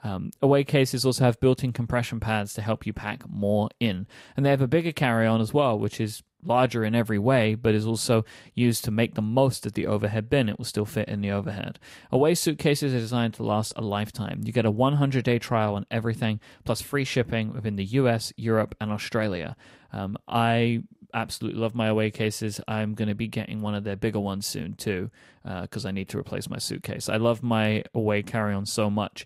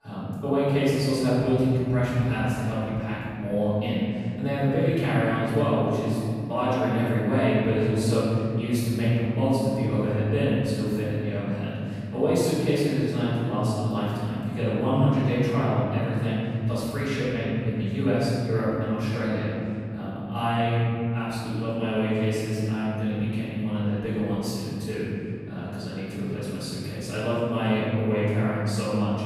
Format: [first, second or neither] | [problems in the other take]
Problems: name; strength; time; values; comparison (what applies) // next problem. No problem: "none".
first | off-mic speech; far // room echo; strong; dies away in 3 s